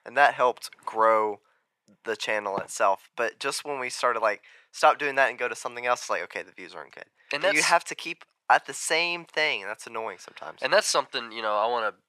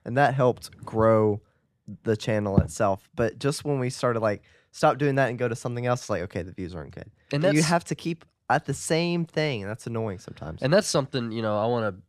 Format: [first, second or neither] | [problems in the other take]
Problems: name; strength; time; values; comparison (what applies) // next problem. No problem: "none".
second | thin; very; fading below 650 Hz